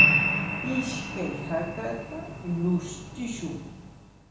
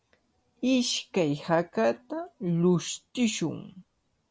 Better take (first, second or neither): second